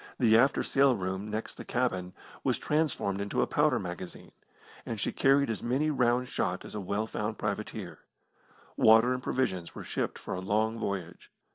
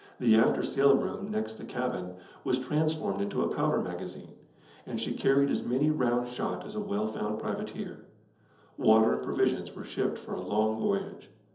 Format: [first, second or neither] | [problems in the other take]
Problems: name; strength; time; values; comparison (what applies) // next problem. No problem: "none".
first | room echo; dies away in 1.2 s